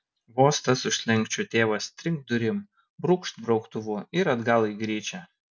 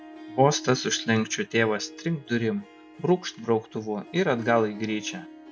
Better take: first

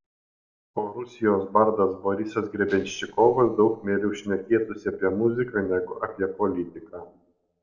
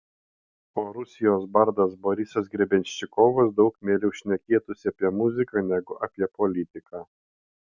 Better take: second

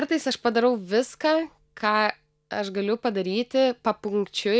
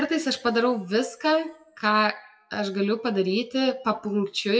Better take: first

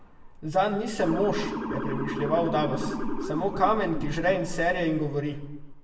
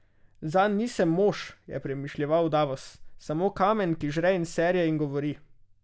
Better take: second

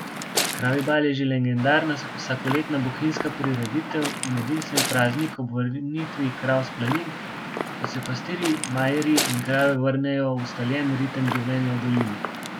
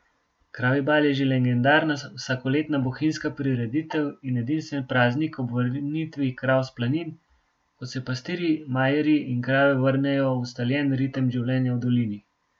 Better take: second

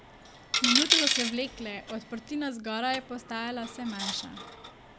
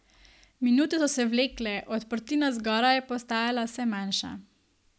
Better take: second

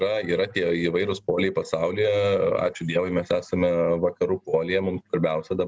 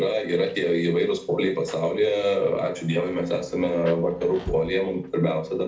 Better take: first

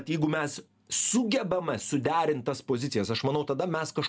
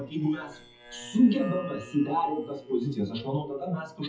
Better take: first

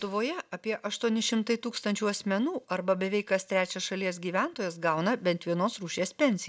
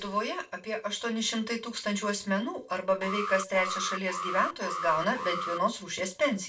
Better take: first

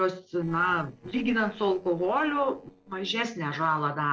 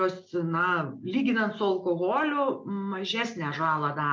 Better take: second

